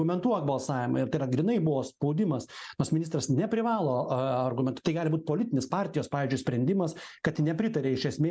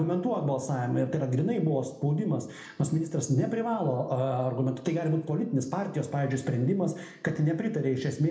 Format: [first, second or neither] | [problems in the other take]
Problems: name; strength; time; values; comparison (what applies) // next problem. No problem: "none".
first | room echo; dies away in 0.7 s